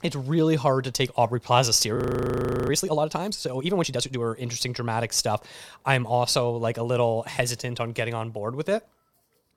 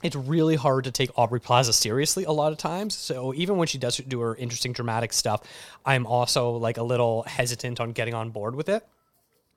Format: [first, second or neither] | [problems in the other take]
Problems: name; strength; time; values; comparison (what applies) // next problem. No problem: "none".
second | audio freezing; at 2 s for 0.5 s